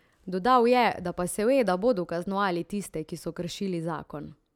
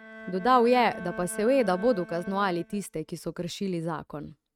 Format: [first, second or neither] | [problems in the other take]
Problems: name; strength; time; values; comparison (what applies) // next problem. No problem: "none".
first | noise reduction (neural mask model RNNoise)